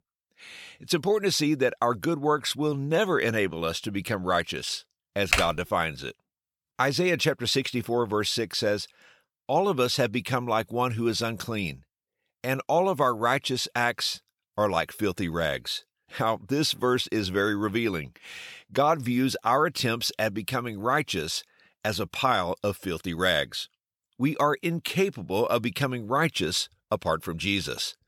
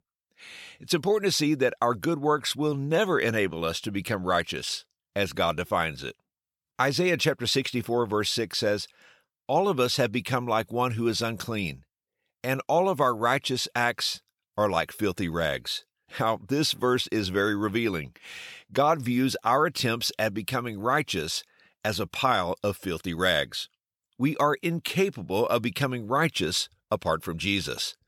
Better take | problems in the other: second | keyboard typing; loud; at 5.5 s; peak 2 dB above the speech

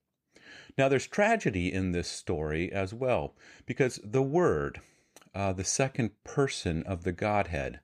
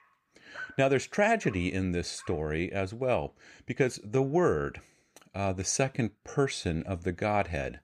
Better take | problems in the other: first | animal sounds; noticeable; throughout; 20 dB below the speech

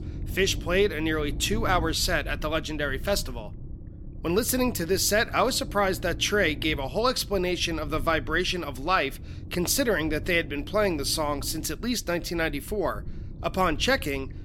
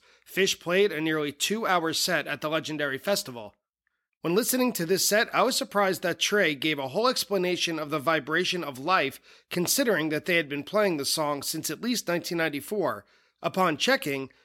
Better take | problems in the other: second | low rumble; faint; throughout; 25 dB below the speech

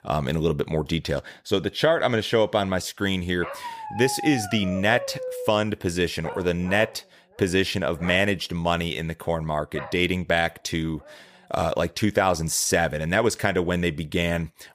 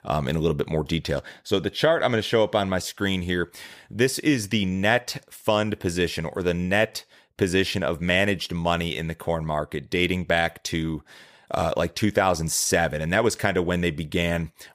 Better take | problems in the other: second | dog barking; noticeable; from 3.5 to 11 s; peak 8 dB below the speech

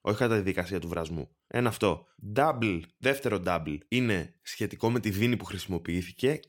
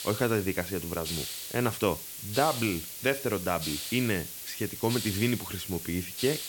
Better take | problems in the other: first | hiss; loud; throughout; 5 dB below the speech

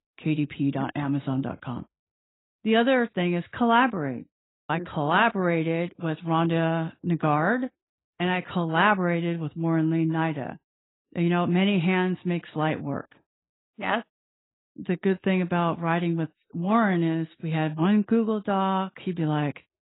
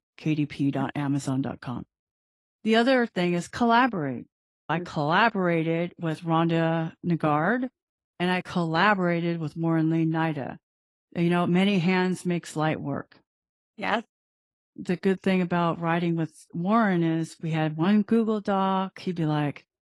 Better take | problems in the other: second | garbled, watery; badly; nothing above 4 kHz; slightly in the second

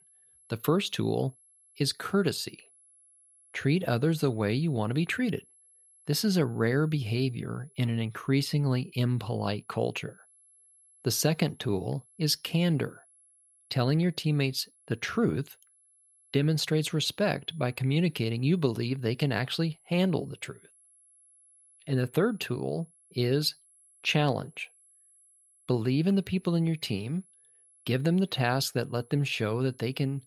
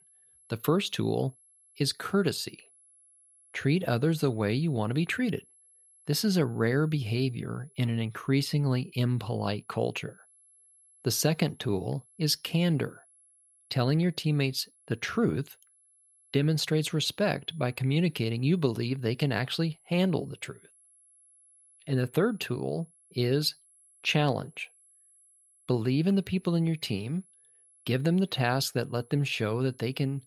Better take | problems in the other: neither | high-pitched whine; faint; throughout; 11 kHz, 30 dB below the speech; the same in both

